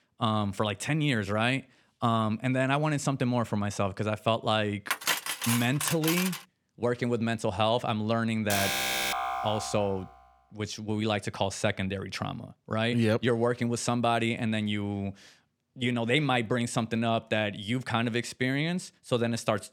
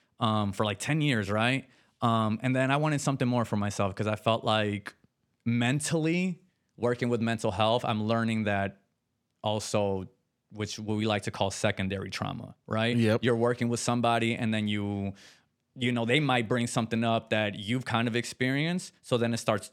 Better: second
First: clattering dishes; loud; from 5 to 6.5 s; peak 1 dB above the speech // alarm; loud; from 8.5 to 10 s; peak 2 dB above the speech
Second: none

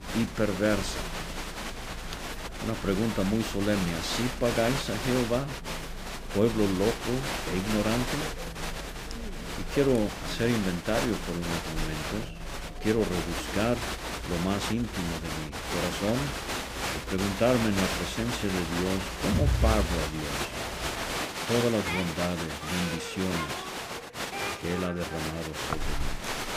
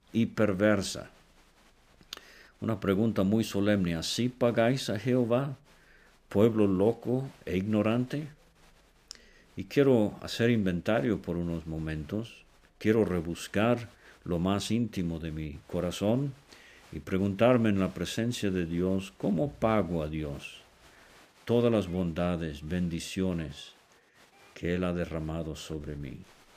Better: second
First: crowd noise; loud; throughout; 3 dB below the speech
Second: crowd noise; faint; throughout; 30 dB below the speech

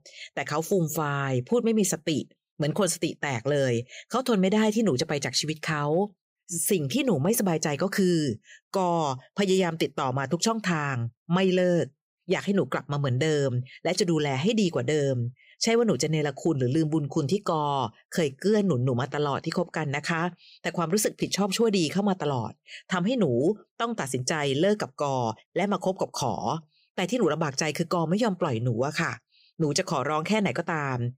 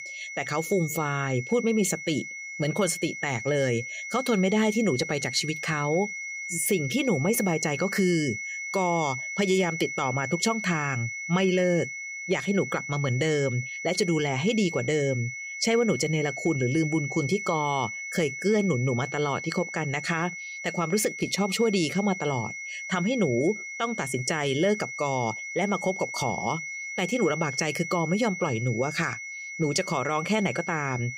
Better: first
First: none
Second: high-pitched whine; loud; throughout; 2 kHz, 7 dB below the speech

